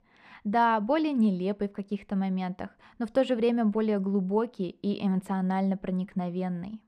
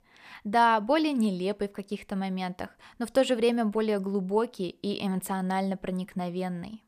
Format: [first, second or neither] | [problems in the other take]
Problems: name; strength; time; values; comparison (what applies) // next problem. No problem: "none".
second | muffled; very slightly; fading above 2 kHz